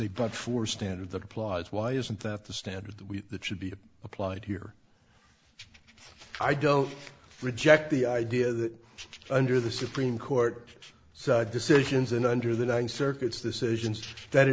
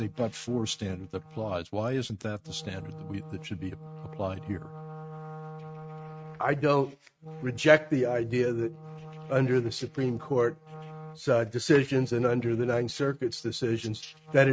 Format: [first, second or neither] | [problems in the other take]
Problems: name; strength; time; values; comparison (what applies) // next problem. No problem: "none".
first | noise reduction (neural mask model RNNoise)